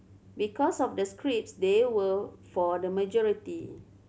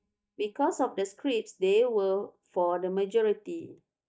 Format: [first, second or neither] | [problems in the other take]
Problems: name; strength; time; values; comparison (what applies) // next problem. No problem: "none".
first | noise reduction (neural mask model DeepFilterNet 3)